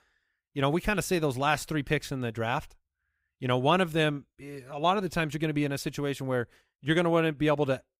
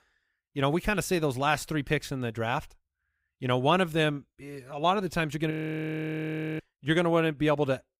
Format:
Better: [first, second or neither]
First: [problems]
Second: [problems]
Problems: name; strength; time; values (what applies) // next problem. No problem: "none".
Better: first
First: none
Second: audio freezing; at 5.5 s for 1 s